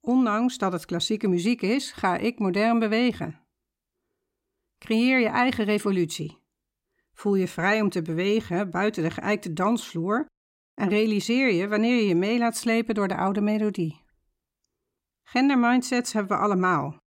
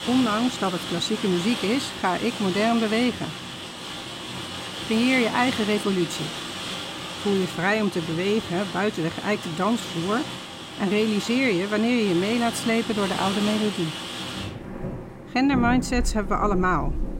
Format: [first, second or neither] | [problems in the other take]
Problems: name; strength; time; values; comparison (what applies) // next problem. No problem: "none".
first | rain or running water; loud; throughout; 7 dB below the speech